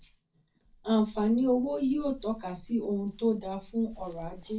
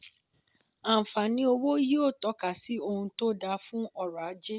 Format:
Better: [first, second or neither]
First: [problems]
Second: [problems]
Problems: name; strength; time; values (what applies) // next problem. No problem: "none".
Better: second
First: background sound (Dog); 20 dB below the speech // room echo; dies away in 0.3 s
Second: none